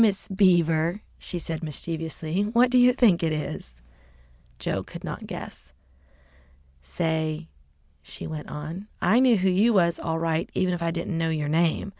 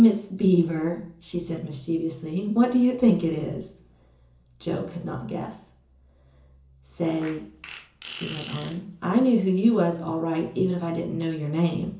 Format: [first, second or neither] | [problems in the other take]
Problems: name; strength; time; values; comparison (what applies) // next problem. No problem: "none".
first | background sound (Fart); 17 dB below the speech // room echo; dies away in 0.7 s